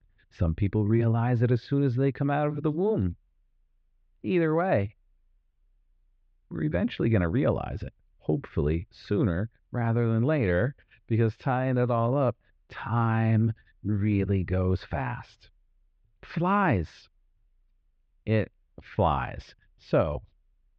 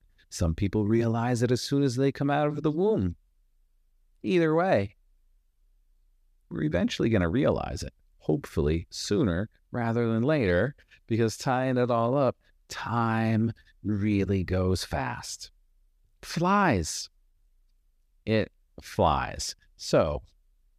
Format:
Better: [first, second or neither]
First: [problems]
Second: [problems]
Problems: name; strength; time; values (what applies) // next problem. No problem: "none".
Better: second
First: muffled; very; fading above 3 kHz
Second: none